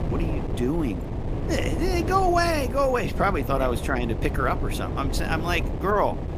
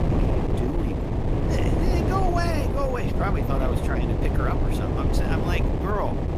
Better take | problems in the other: first | wind noise on the microphone; heavy; 1 dB below the speech; occasional gusts in the first

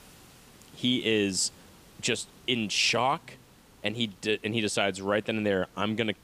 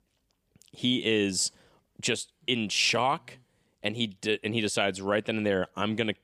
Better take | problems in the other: second | hiss; faint; throughout; 25 dB below the speech

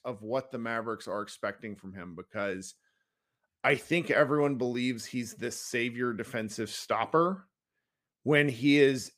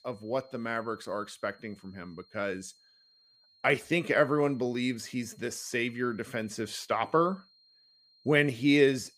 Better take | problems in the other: first | high-pitched whine; faint; throughout; 4 kHz, 30 dB below the speech

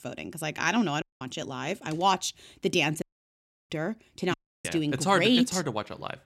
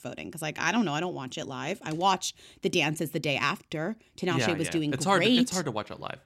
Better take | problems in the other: second | audio cutting out; at 1 s, at 3 s for 0.5 s and at 4.5 s

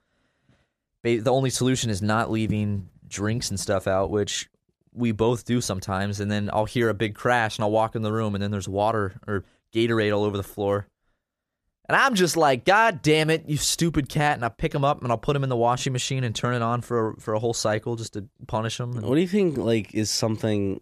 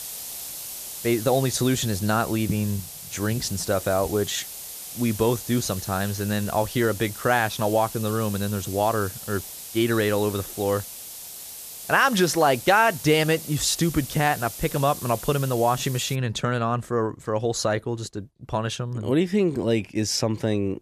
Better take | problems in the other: first | hiss; noticeable; until 16 s; 10 dB below the speech

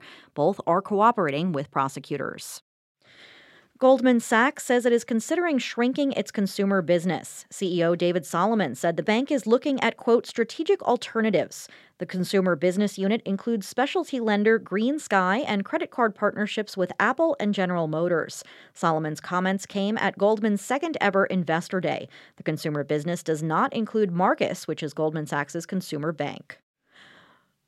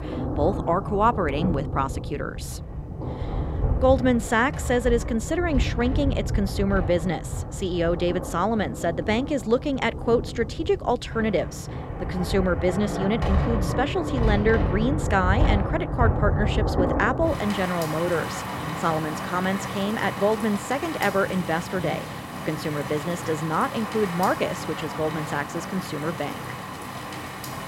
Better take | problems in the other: first | rain or running water; loud; throughout; 4 dB below the speech

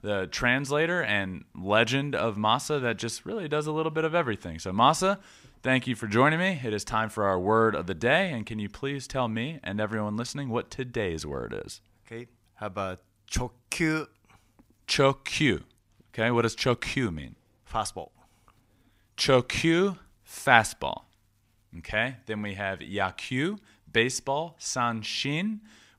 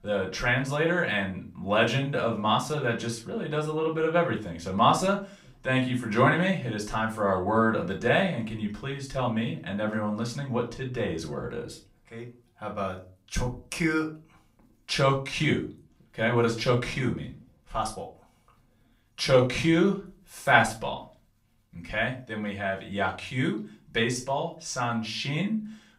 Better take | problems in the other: first | off-mic speech; far // room echo; slight; dies away in 0.3 s

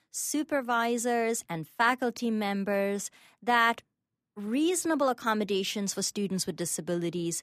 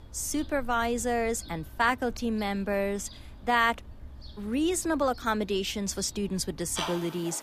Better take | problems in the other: first | animal sounds; noticeable; throughout; 15 dB below the speech

